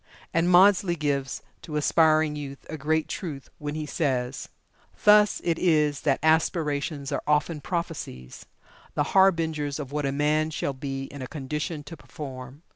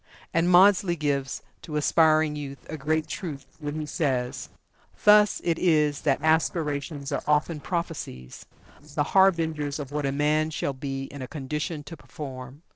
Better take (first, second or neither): first